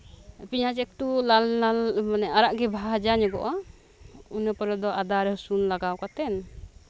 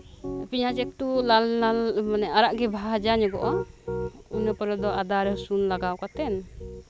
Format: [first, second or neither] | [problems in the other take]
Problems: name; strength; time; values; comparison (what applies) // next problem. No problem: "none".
first | background sound (Piano); 10 dB below the speech